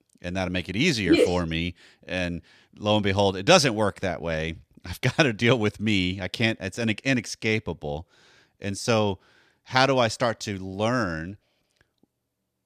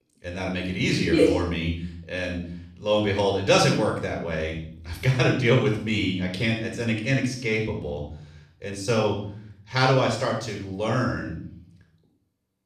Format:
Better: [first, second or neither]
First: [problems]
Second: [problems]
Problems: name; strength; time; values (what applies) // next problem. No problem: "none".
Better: first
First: none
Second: off-mic speech; somewhat distant // room echo; noticeable; dies away in 0.6 s